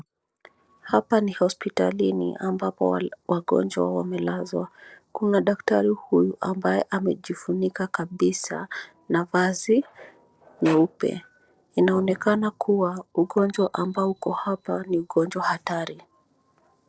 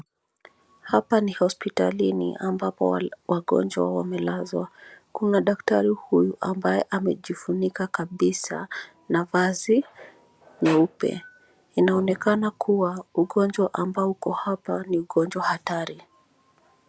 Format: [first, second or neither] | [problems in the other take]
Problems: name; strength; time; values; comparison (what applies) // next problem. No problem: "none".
second | noise reduction (neural separator model SepFormer DNS4)